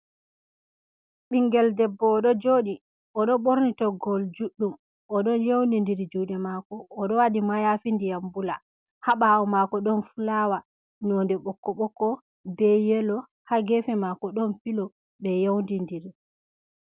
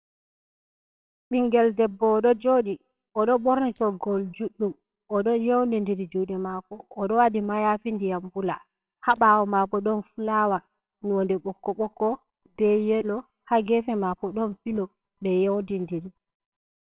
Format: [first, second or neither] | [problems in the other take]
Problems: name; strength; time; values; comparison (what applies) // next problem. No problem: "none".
first | noise reduction (neural separator model SepFormer WHAMR!)